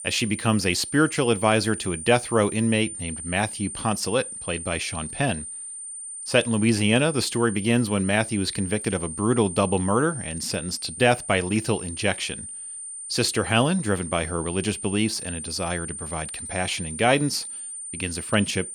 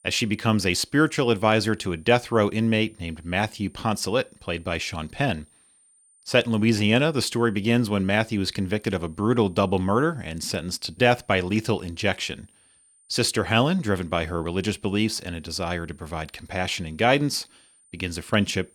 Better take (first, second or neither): second